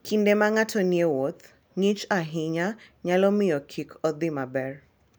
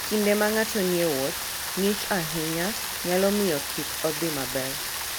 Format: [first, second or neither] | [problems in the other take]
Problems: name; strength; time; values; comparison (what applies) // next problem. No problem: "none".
first | background sound (Rain); 4 dB below the speech